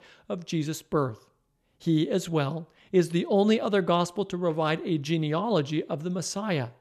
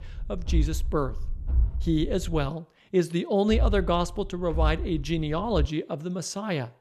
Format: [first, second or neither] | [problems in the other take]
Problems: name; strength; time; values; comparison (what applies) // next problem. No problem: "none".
first | low rumble; faint; until 2.5 s and from 3.5 to 5.5 s; 20 dB below the speech